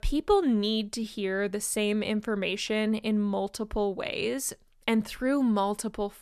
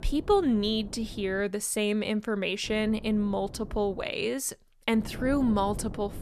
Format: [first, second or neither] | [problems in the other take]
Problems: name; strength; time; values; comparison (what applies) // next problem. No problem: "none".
first | wind noise on the microphone; occasional gusts; until 1.5 s, from 2.5 to 4 s and from 5 s on; 20 dB below the speech